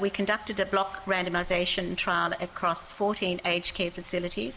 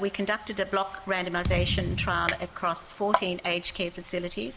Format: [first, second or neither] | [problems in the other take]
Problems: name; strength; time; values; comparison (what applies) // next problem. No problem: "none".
first | background sound (Thump, thud + Chink, clink); 2 dB below the speech